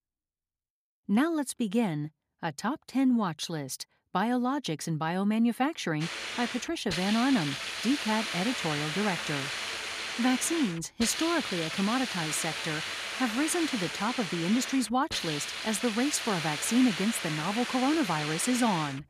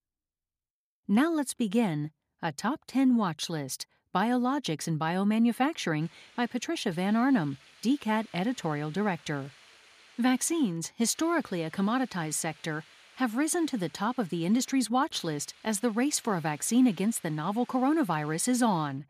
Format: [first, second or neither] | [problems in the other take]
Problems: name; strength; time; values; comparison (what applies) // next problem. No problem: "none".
second | hiss; loud; from 6 s on; 4 dB below the speech; faint in the second